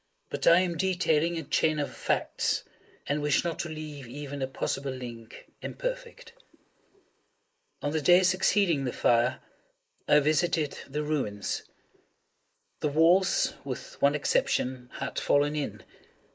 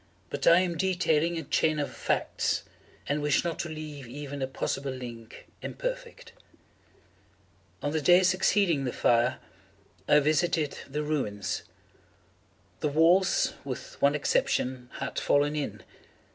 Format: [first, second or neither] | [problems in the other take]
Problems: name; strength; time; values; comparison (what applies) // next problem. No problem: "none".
second | noise reduction (neural mask model Resemble Enhance denoiser)